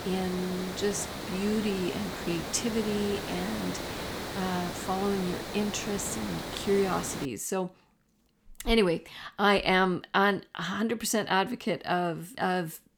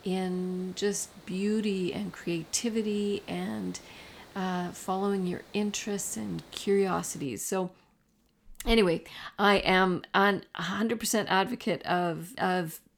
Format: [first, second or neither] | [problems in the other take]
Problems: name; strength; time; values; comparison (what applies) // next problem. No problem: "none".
second | hiss; loud; until 7.5 s; 7 dB below the speech; faint in the second